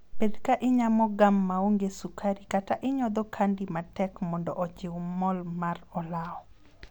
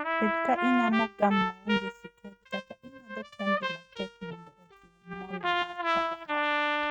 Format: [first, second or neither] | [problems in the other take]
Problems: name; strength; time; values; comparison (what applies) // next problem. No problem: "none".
first | noise reduction (neural mask model RNNoise)